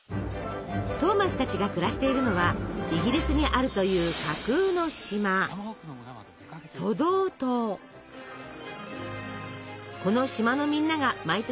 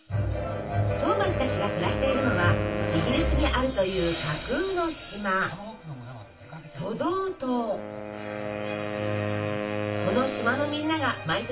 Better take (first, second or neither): first